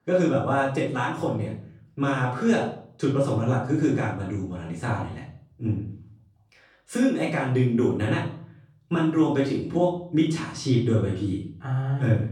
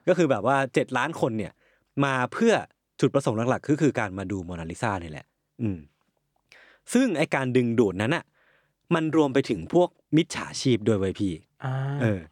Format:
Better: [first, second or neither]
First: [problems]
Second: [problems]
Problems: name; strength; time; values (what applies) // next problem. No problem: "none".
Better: second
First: off-mic speech; far // room echo; noticeable; dies away in 0.5 s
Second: none